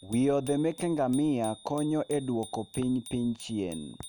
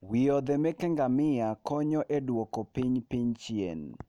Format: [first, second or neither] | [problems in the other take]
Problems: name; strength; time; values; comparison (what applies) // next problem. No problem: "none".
second | background sound (Bicycle bell); 19 dB below the speech